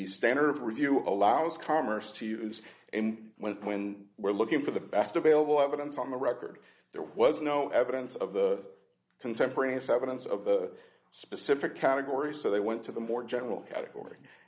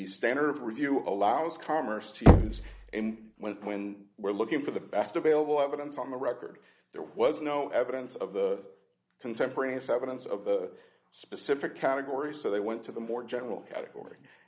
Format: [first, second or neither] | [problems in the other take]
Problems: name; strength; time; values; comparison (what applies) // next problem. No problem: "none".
first | background sound (Knock); 4 dB above the speech